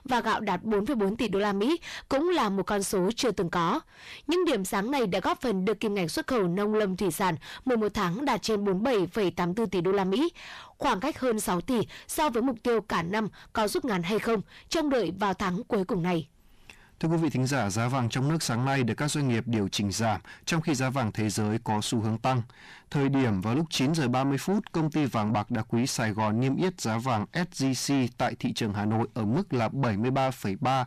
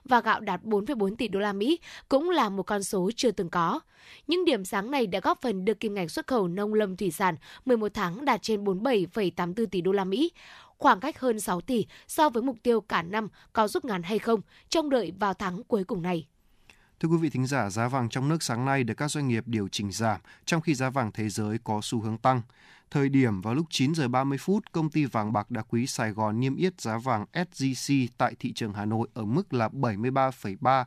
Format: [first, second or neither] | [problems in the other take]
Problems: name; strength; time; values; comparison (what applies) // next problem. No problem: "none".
second | distortion; heavy; 7 dB below the speech